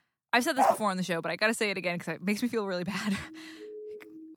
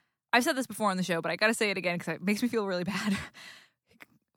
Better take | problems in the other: second | dog barking; loud; at 0.5 s; peak 3 dB above the speech // siren; faint; from 3 s on; peak 15 dB below the speech

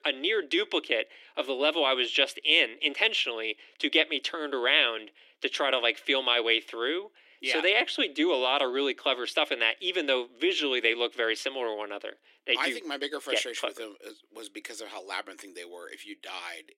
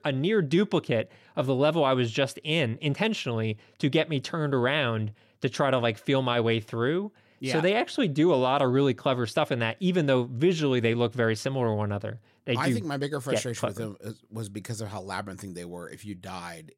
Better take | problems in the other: second | thin; somewhat; fading below 300 Hz

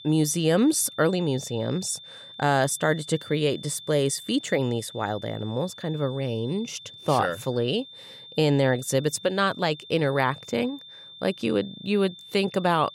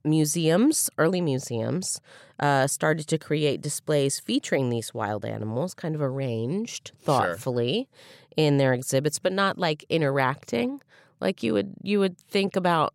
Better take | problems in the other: second | high-pitched whine; noticeable; throughout; 3.5 kHz, 15 dB below the speech

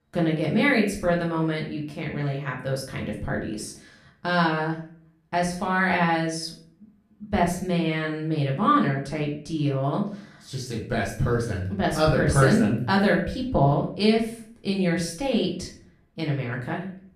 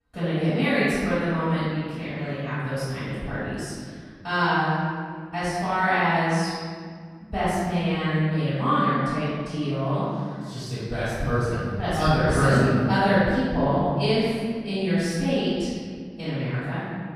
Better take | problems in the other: first | room echo; strong; dies away in 1.9 s; slight in the first // off-mic speech; far; far in the first

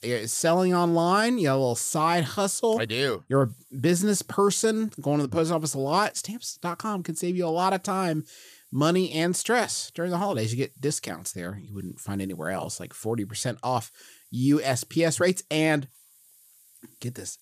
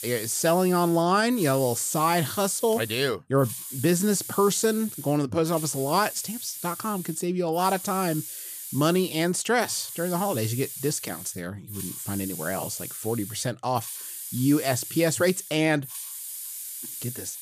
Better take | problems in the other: first | hiss; loud; throughout; 10 dB below the speech; faint in the first

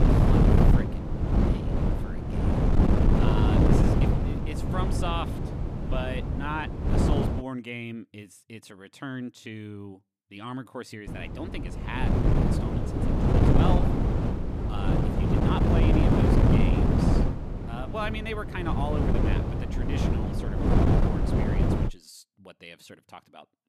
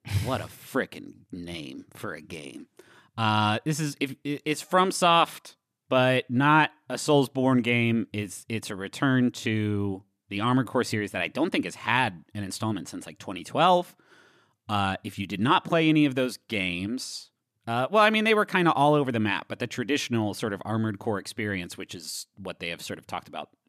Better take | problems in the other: second | wind noise on the microphone; heavy; until 7.5 s and from 11 to 22 s; 5 dB above the speech

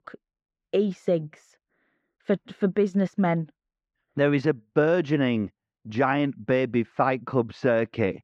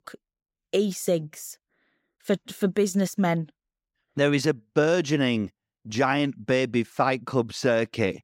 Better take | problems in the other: second | muffled; very; fading above 2 kHz

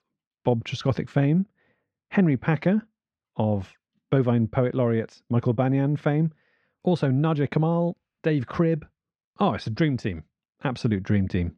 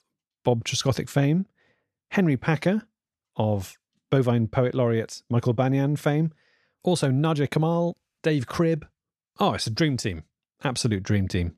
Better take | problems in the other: second | muffled; slightly; fading above 2.5 kHz

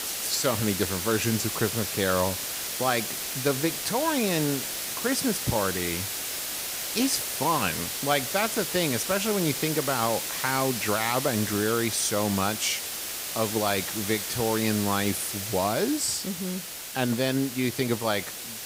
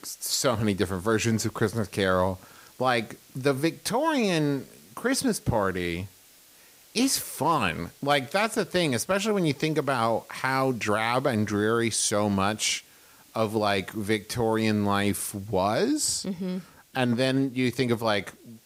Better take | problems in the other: second | hiss; loud; throughout; 3 dB below the speech; faint in the second

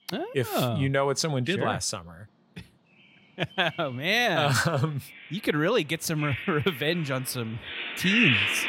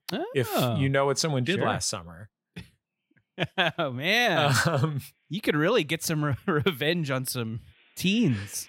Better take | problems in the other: second | animal sounds; loud; throughout; 1 dB below the speech; faint in the second

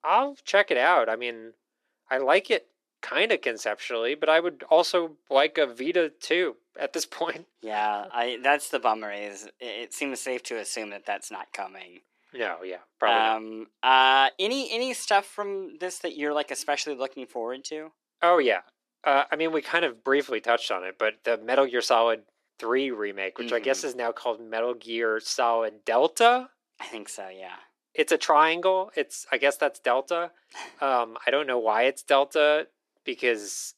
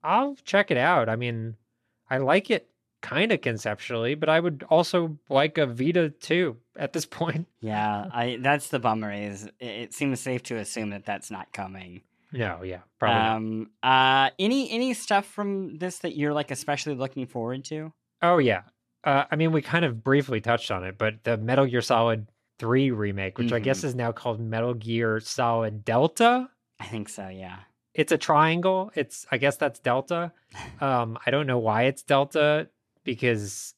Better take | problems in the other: second | thin; somewhat; fading below 350 Hz

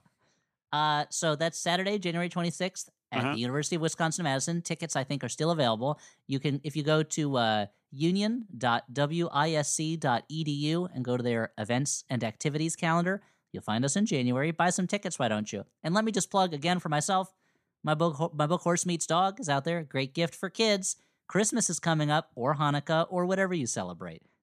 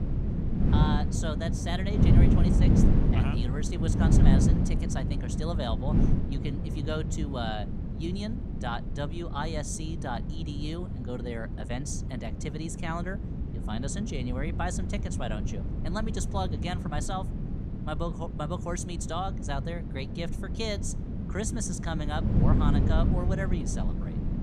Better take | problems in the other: first | wind noise on the microphone; heavy; 3 dB below the speech

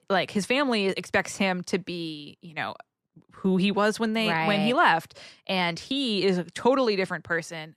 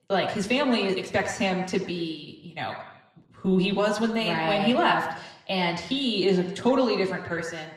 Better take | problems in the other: first | room echo; slight; dies away in 0.9 s // off-mic speech; somewhat distant

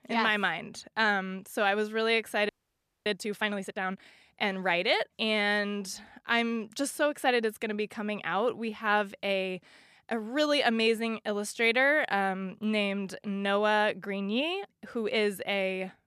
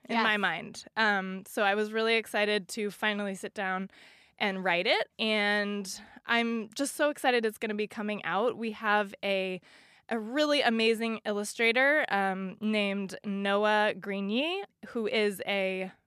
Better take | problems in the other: second | audio freezing; at 2.5 s for 0.5 s

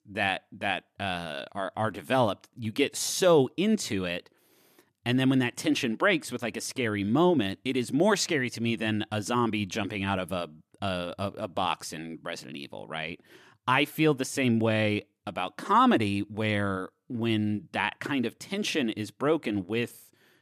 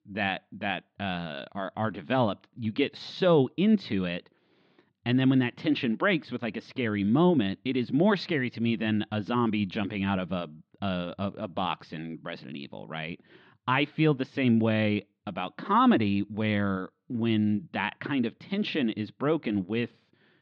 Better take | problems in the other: first | muffled; slightly; fading above 4 kHz

